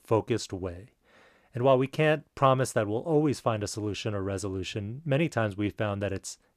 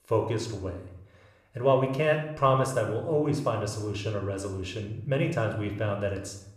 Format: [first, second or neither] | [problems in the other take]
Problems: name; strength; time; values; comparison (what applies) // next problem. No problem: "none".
first | room echo; slight; dies away in 0.7 s